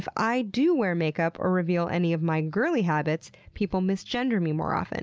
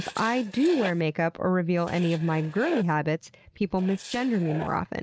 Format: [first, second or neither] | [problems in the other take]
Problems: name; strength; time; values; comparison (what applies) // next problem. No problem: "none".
first | noise reduction (neural mask model RNNoise)